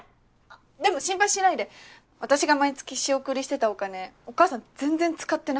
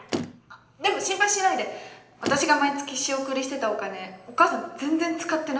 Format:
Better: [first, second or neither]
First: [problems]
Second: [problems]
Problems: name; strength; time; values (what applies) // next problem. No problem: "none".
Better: first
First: none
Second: background sound (Motor vehicle (road)); 9 dB below the speech // room echo; dies away in 0.8 s